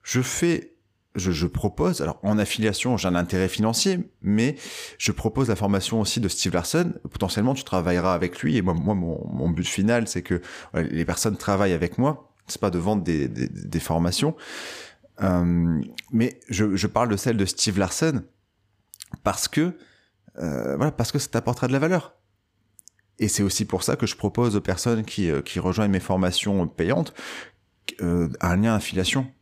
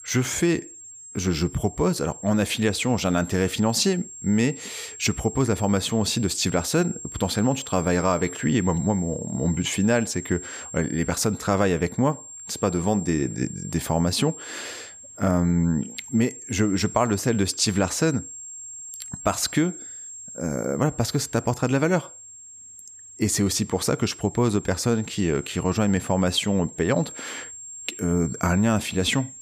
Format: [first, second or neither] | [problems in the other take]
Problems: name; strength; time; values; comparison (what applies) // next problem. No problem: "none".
first | high-pitched whine; noticeable; throughout; 7.5 kHz, 15 dB below the speech